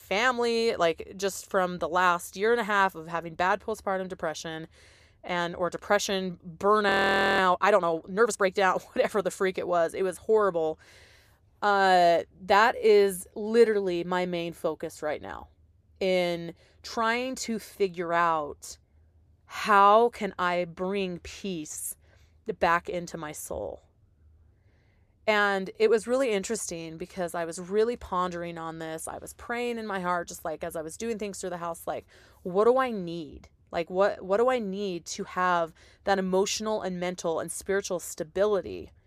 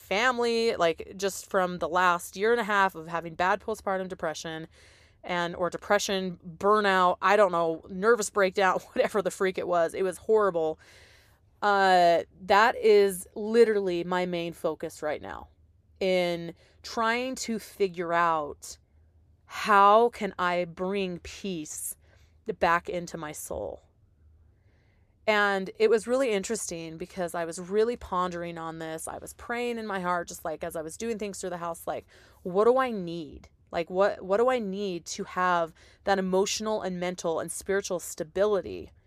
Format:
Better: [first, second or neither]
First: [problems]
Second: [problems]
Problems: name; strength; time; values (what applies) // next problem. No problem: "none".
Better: second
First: audio freezing; at 7 s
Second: none